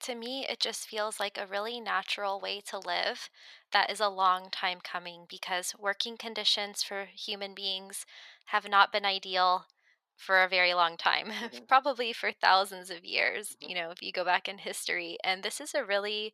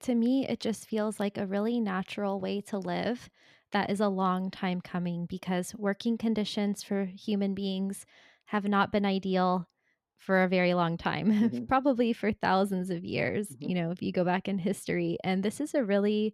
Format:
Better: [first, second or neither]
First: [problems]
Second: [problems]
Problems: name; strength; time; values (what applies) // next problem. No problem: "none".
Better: second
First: thin; very; fading below 950 Hz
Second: none